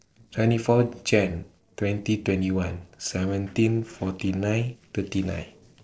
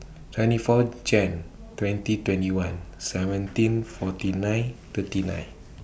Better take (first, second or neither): second